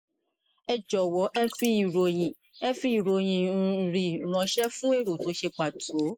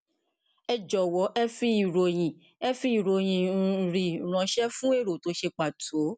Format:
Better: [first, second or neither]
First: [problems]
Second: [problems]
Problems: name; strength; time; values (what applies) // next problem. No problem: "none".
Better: second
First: noise reduction (neural mask model Resemble Enhance denoiser)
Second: none